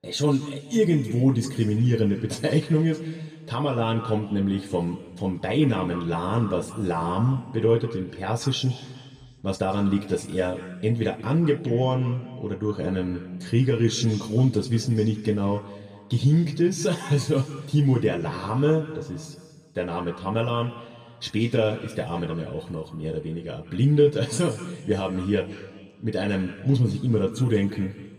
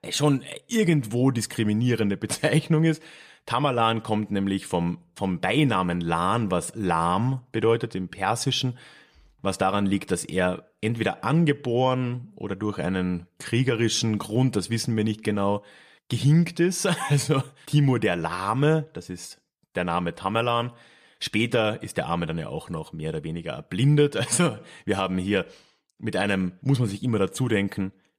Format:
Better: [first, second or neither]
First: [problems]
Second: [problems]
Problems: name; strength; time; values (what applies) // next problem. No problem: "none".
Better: second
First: room echo; slight; dies away in 1.6 s // off-mic speech; somewhat distant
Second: none